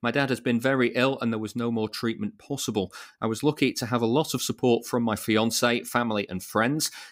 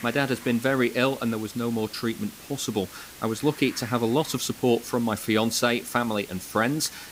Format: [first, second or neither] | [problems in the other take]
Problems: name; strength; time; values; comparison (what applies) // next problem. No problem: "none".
first | hiss; noticeable; throughout; 15 dB below the speech